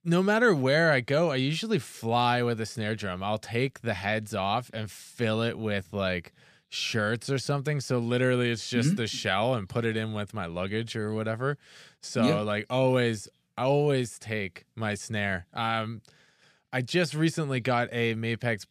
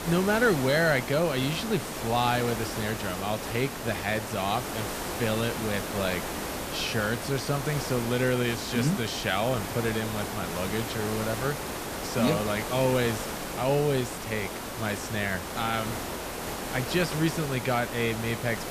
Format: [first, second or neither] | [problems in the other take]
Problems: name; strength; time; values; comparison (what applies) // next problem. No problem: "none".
first | hiss; loud; throughout; 5 dB below the speech